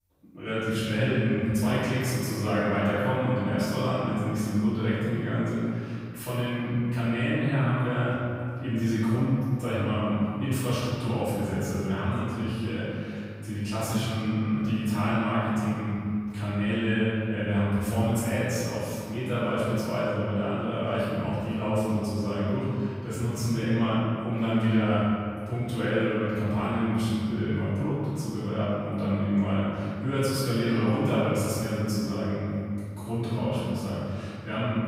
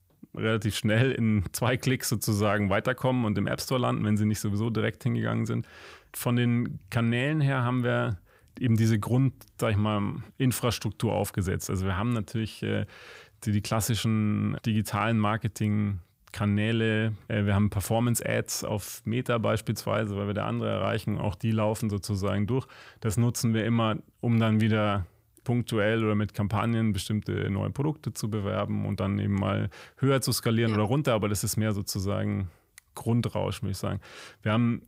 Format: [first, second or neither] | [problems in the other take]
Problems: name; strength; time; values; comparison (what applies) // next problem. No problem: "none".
second | off-mic speech; far // room echo; strong; dies away in 2.1 s